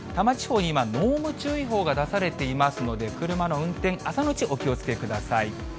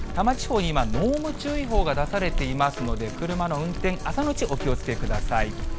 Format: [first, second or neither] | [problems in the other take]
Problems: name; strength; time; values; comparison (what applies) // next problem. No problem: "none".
first | background sound (Liquid); 2 dB below the speech